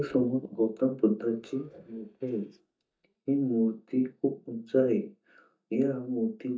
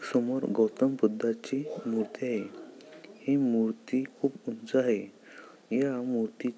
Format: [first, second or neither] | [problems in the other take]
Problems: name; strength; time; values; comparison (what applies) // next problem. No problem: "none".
second | noise reduction (neural mask model DeepFilterNet 3)